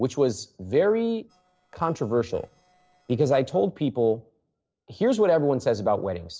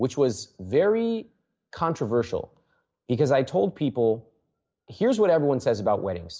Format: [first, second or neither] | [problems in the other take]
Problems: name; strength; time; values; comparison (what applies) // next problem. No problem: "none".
second | noise reduction (neural separator model SepFormer DNS4)